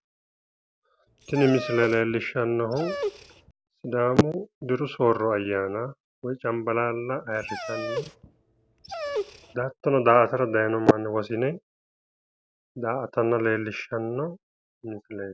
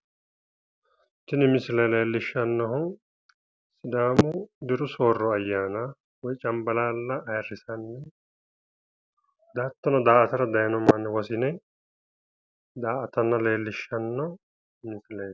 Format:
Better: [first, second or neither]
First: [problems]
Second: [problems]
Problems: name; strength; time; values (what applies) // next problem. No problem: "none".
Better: second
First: background sound (Dog); 9 dB below the speech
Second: none